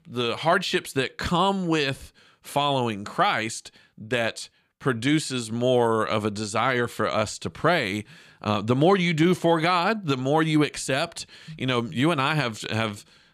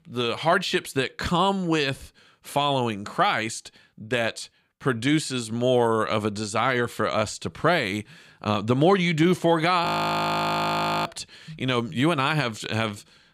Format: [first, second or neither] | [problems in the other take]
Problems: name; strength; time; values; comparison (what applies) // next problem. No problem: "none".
first | audio freezing; at 10 s for 1 s